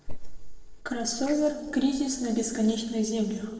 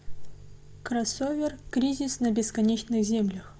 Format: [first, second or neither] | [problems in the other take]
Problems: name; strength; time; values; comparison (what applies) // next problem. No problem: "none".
second | noise reduction (neural separator model SepFormer DNS4)